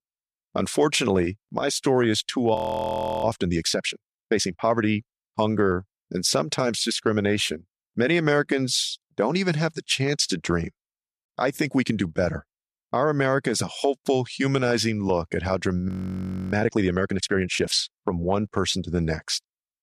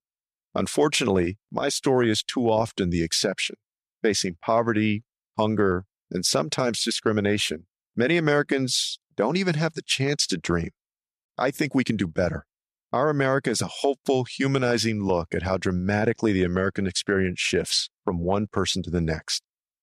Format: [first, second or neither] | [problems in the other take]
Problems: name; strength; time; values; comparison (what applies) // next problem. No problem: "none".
second | audio freezing; at 2.5 s for 0.5 s and at 16 s for 0.5 s